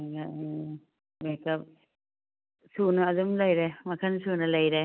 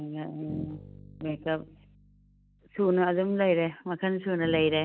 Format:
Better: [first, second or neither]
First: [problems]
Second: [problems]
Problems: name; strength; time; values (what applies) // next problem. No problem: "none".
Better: first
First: none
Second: background sound (Bass guitar); 17 dB below the speech